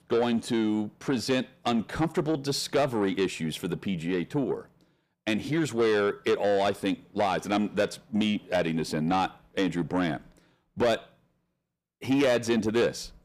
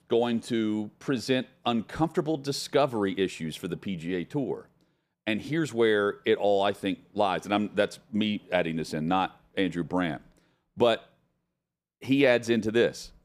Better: second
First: distortion; slight; 10 dB below the speech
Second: none

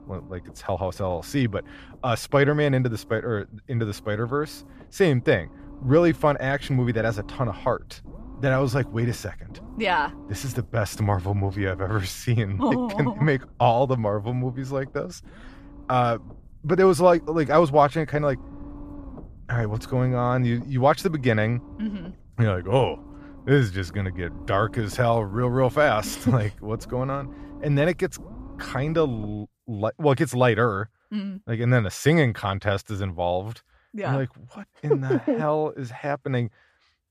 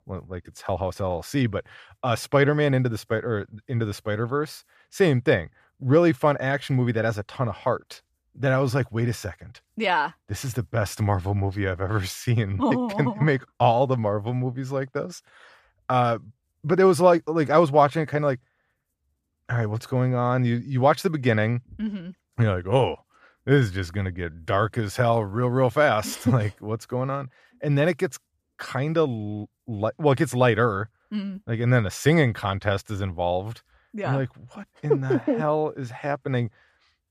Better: second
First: low rumble; faint; until 29 s; 25 dB below the speech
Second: none

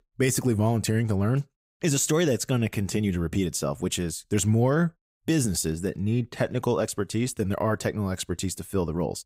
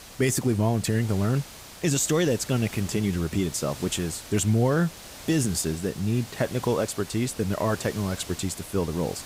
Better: first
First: none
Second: hiss; noticeable; throughout; 15 dB below the speech

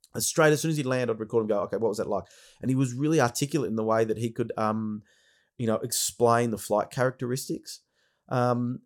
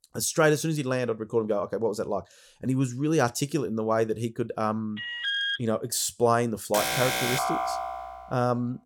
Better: first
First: none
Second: alarm; loud; at 5 s and from 6.5 to 8.5 s; peak 1 dB above the speech

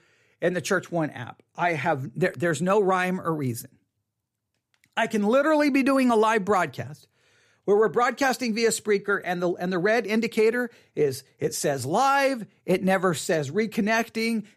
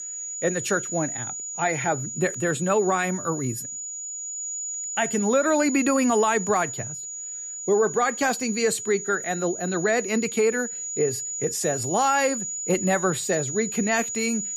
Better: first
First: none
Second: high-pitched whine; loud; throughout; 7 kHz, 5 dB below the speech

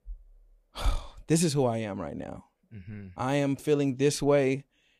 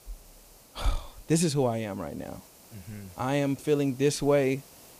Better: first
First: none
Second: hiss; faint; throughout; 25 dB below the speech

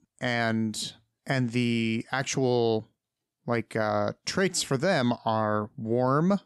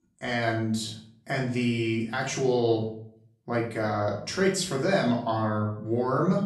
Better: first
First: none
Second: off-mic speech; far // room echo; noticeable; dies away in 0.5 s

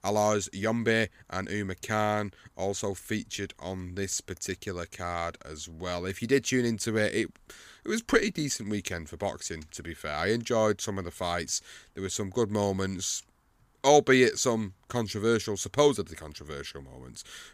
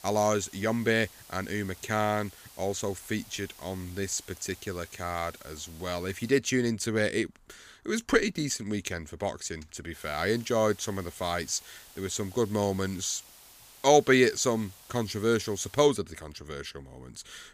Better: first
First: none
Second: hiss; faint; until 6.5 s and from 10 to 16 s; 20 dB below the speech

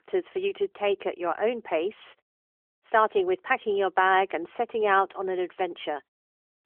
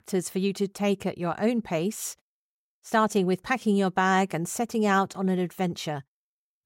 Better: second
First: phone-call audio; nothing above 3.5 kHz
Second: none

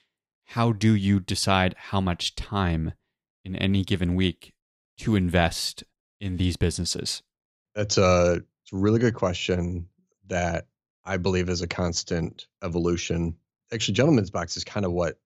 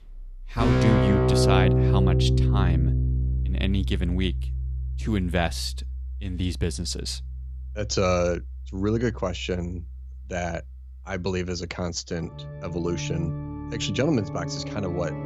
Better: first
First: none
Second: background music; very loud; throughout; 2 dB above the speech

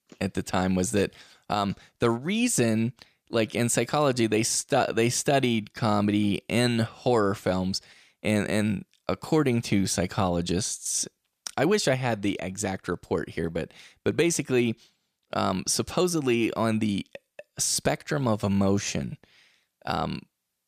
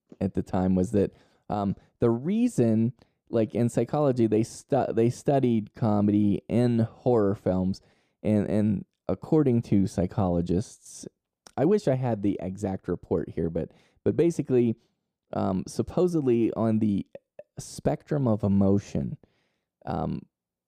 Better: first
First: none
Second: muffled; slightly; fading above 1 kHz

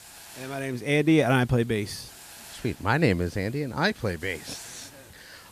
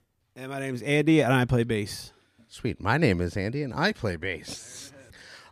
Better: second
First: hiss; faint; throughout; 20 dB below the speech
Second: none

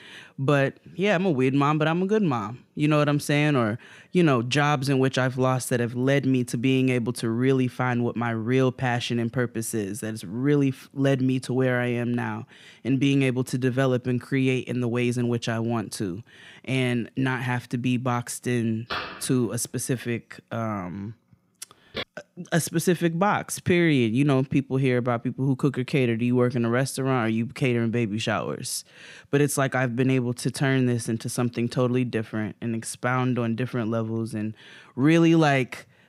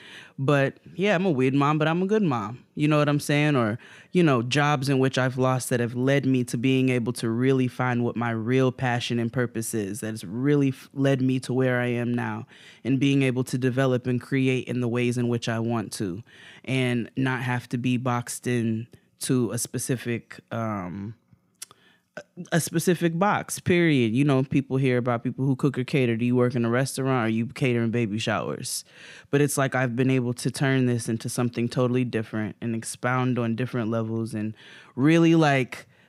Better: second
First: phone ringing; noticeable; from 19 to 22 s; peak 7 dB below the speech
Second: none

